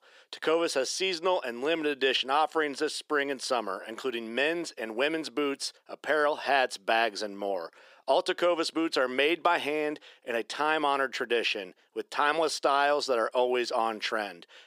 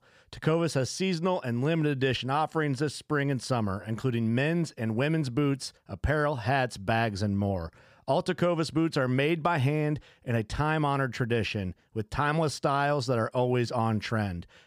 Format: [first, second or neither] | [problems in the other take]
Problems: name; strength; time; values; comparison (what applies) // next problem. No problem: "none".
second | thin; very; fading below 350 Hz